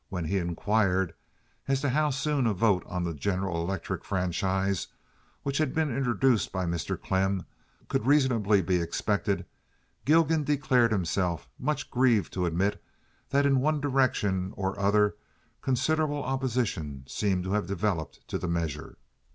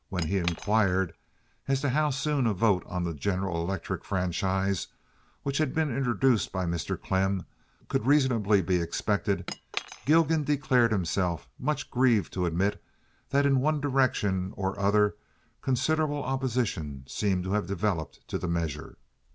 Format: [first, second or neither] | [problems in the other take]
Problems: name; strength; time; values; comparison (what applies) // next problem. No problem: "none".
first | background sound (Cutlery, silverware / Chink, clink); 15 dB below the speech